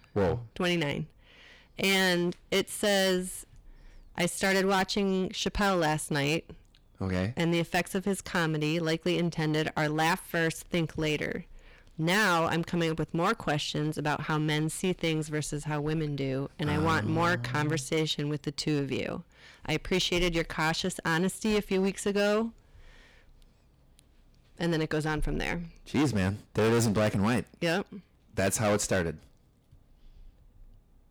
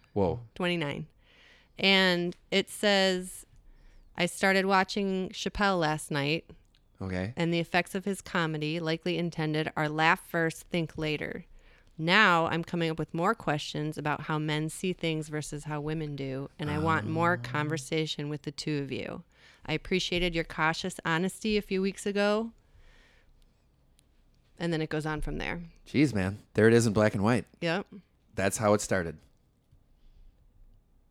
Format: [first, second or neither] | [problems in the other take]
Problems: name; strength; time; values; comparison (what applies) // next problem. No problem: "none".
second | distortion; heavy; 9% of the sound clipped